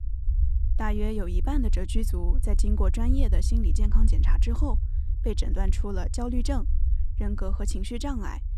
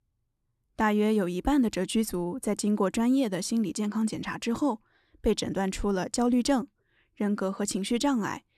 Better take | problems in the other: second | low rumble; noticeable; throughout; 10 dB below the speech

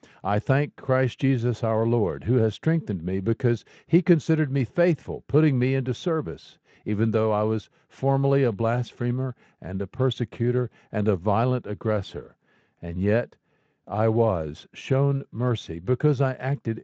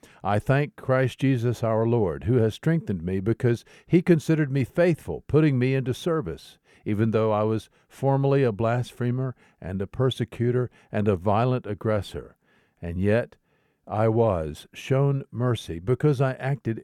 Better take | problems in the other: second | garbled, watery; slightly

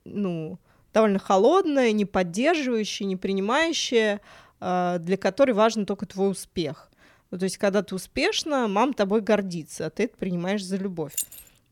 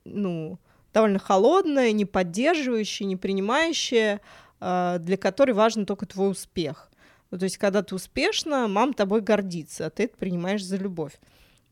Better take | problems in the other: second | jangling keys; noticeable; at 11 s; peak 6 dB below the speech

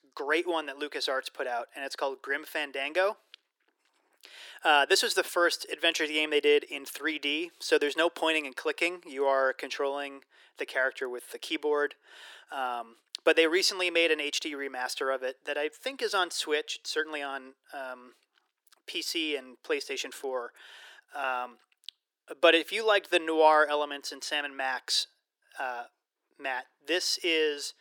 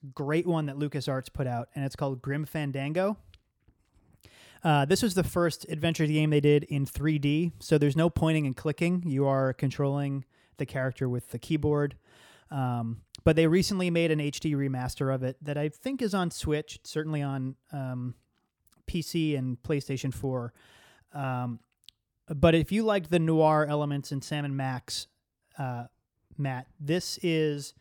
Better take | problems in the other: second | thin; very; fading below 350 Hz

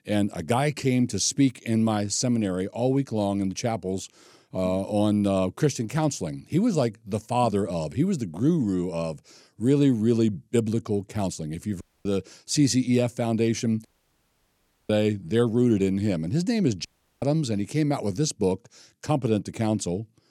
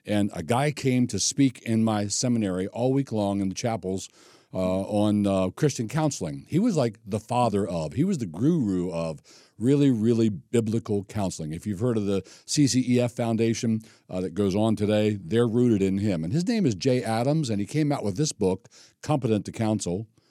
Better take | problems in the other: second | audio cutting out; at 12 s, at 14 s for 1 s and at 17 s

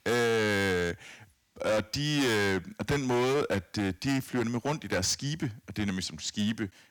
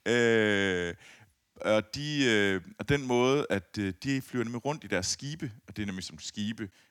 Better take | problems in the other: second | distortion; heavy; 14% of the sound clipped

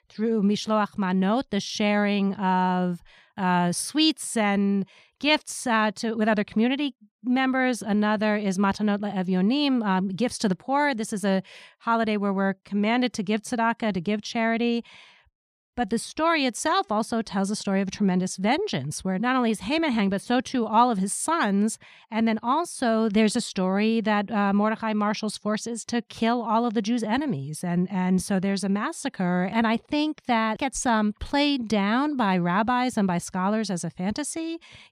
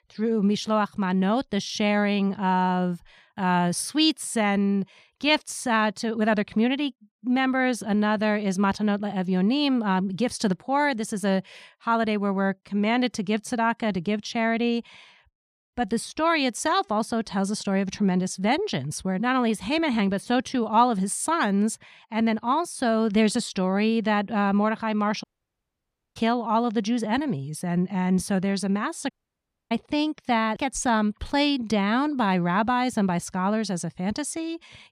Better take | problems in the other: first | audio cutting out; at 25 s for 1 s and at 29 s for 0.5 s

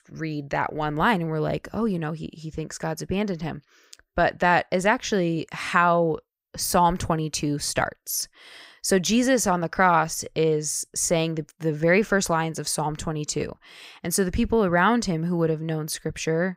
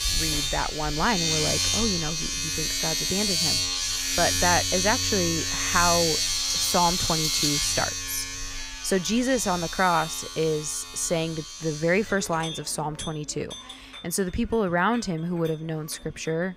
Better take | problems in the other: first | household noises; very loud; throughout; 2 dB above the speech

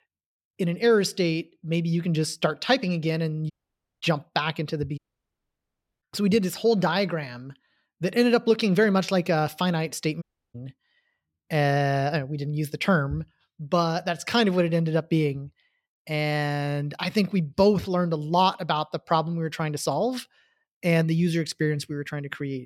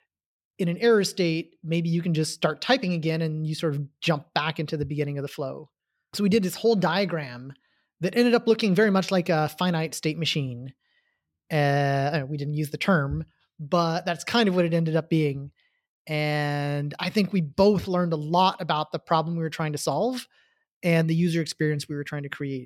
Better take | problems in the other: second | audio cutting out; at 3.5 s for 0.5 s, at 5 s for 1 s and at 10 s

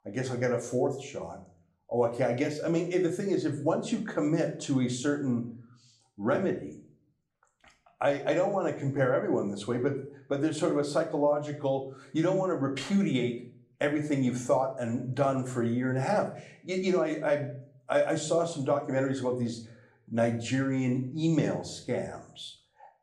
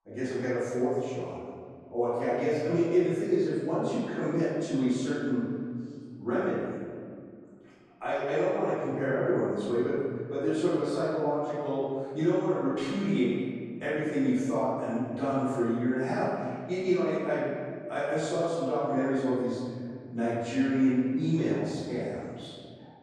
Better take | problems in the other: first | room echo; strong; dies away in 2.1 s; slight in the first // off-mic speech; far; somewhat distant in the first

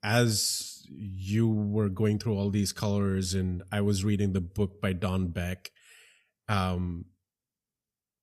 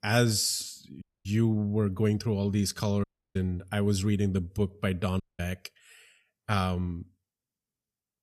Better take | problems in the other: first | audio cutting out; at 1 s, at 3 s and at 5 s

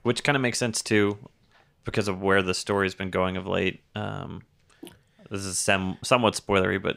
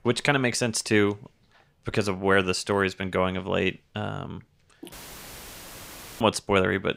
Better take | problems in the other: first | audio cutting out; filled with static; at 5 s for 1.5 s

